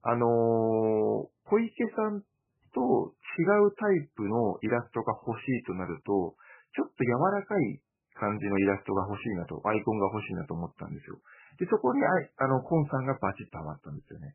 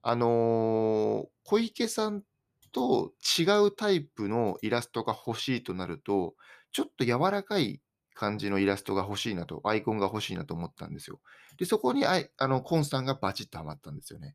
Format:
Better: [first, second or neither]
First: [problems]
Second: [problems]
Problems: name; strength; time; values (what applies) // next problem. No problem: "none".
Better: second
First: garbled, watery; badly; nothing above 2.5 kHz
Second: none